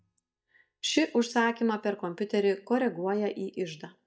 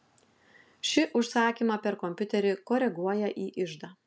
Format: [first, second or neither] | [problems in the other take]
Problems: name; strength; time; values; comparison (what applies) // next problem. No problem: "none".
second | noise reduction (neural mask model DeepFilterNet 3)